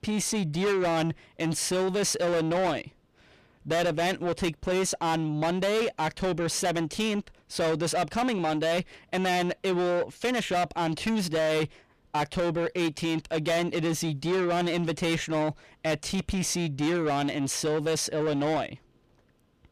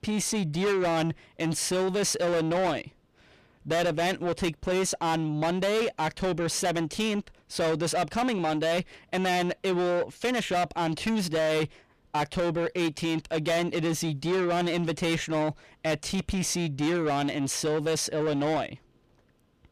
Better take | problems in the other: neither | distortion; heavy; 7 dB below the speech; the same in both

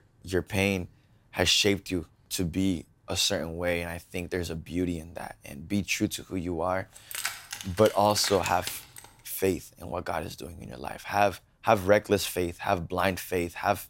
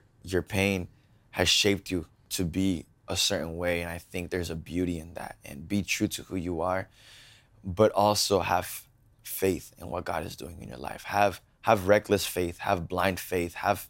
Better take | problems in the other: second | jangling keys; noticeable; from 7 to 9 s; peak 5 dB below the speech

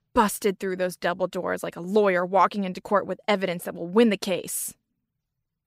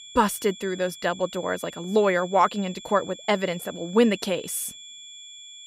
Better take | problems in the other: first | high-pitched whine; noticeable; throughout; 3.5 kHz, 15 dB below the speech

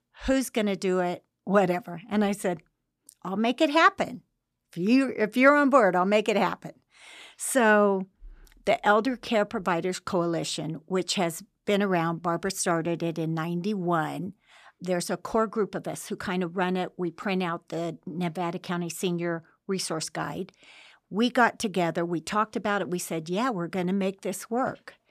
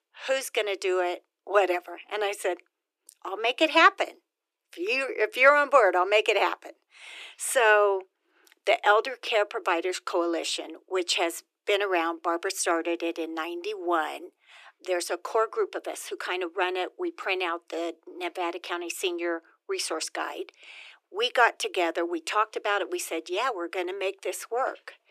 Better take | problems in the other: first | thin; very; fading below 350 Hz

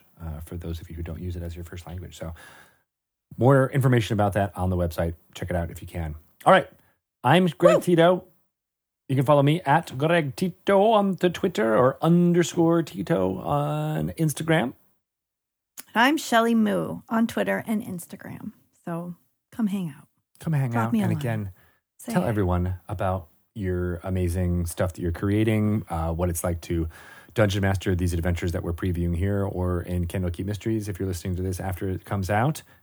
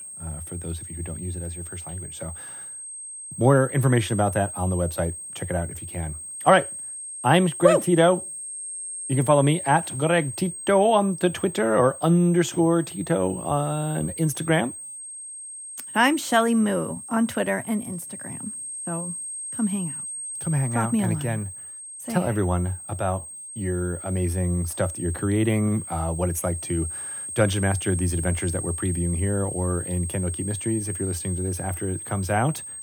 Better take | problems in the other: first | high-pitched whine; loud; throughout; 8.5 kHz, 9 dB below the speech

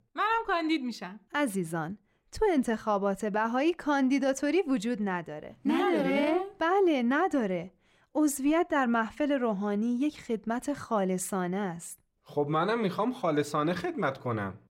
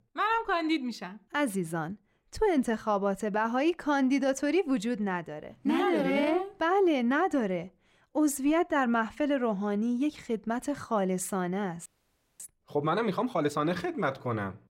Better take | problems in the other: first | audio freezing; at 12 s for 0.5 s

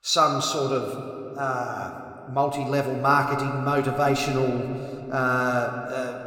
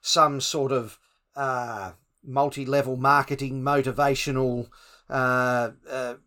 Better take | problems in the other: second | room echo; slight; dies away in 2.6 s

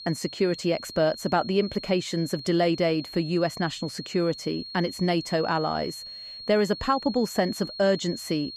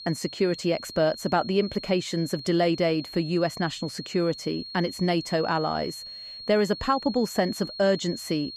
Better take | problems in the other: neither | high-pitched whine; noticeable; throughout; 4.5 kHz, 10 dB below the speech; the same in both

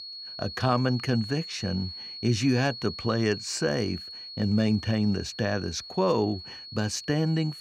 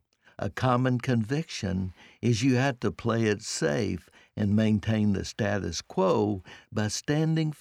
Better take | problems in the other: second | high-pitched whine; noticeable; throughout; 4.5 kHz, 10 dB below the speech

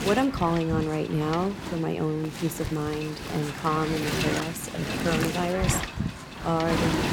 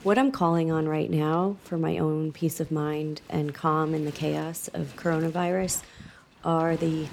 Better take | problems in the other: second | wind noise on the microphone; heavy; 3 dB below the speech; occasional gusts in the second

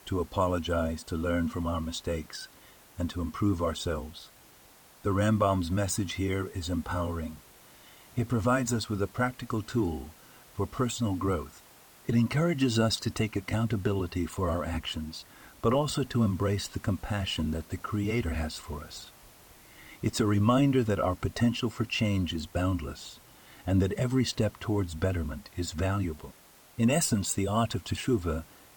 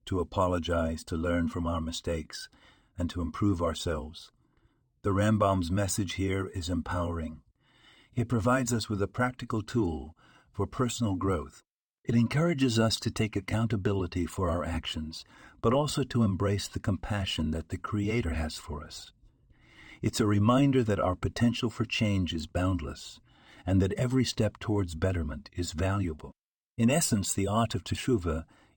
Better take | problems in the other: second | hiss; faint; throughout; 25 dB below the speech

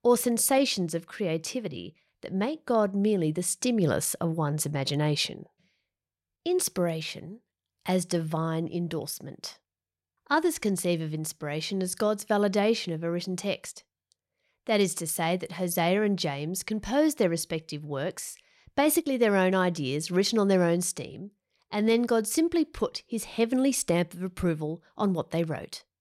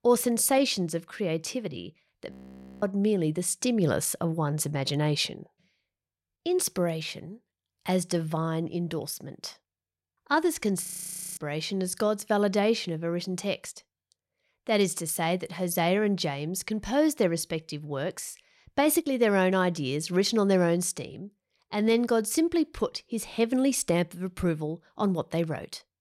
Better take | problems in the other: first | audio freezing; at 2.5 s for 0.5 s and at 11 s for 0.5 s

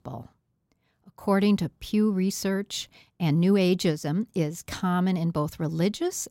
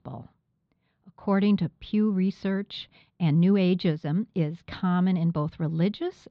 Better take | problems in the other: first | muffled; slightly; fading above 4 kHz

